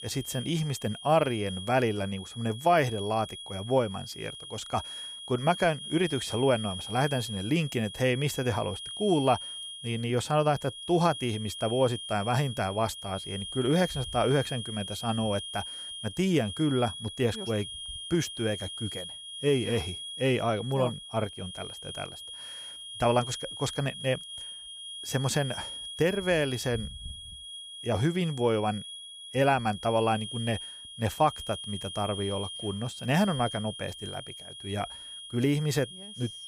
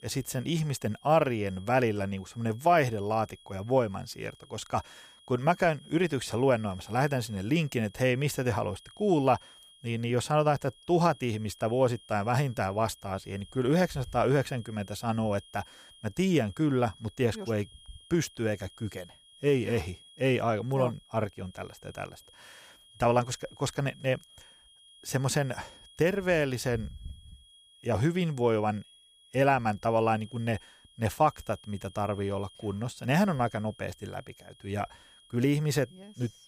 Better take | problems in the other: second | high-pitched whine; loud; throughout; 3 kHz, 9 dB below the speech; faint in the second

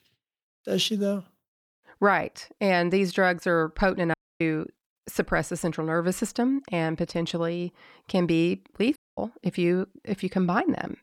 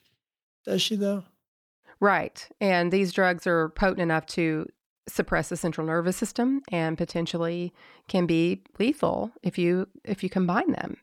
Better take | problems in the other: second | audio cutting out; at 4 s and at 9 s

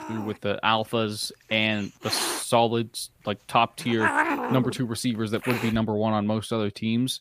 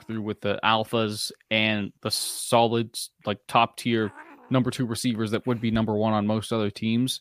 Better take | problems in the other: second | hiss; loud; until 6 s; 3 dB below the speech; faint in the second

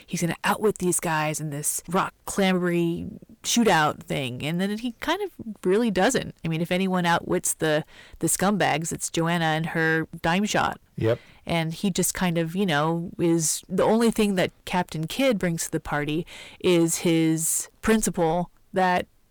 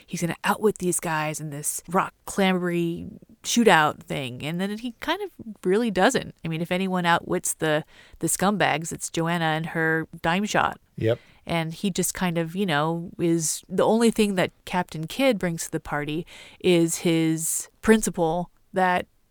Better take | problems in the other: second | distortion; slight; 10 dB below the speech

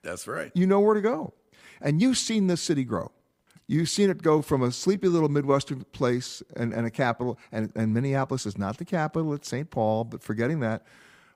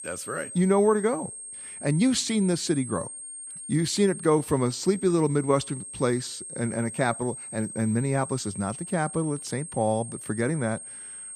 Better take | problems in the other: first | high-pitched whine; noticeable; throughout; 8.5 kHz, 10 dB below the speech

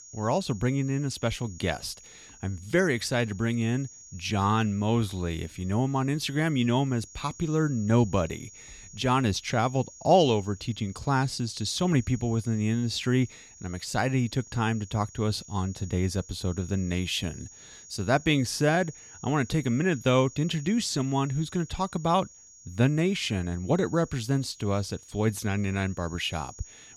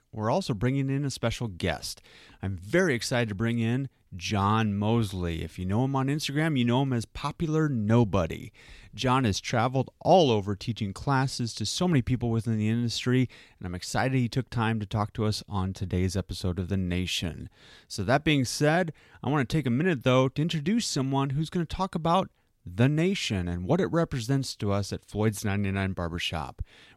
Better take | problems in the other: second | high-pitched whine; noticeable; throughout; 6.5 kHz, 20 dB below the speech

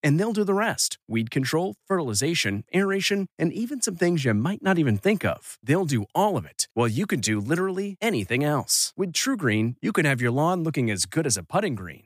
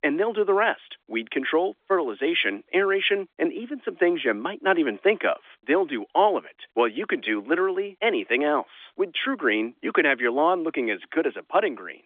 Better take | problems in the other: first | phone-call audio; nothing above 3.5 kHz

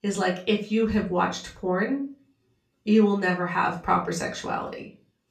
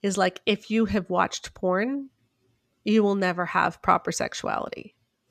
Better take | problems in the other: second | off-mic speech; somewhat distant // room echo; very slight; dies away in 0.3 s

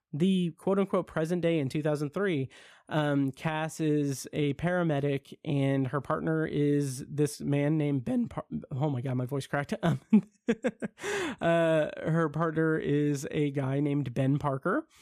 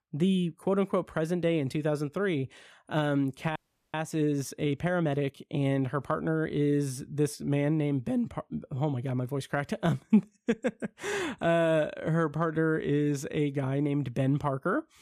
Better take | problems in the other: first | audio freezing; at 3.5 s

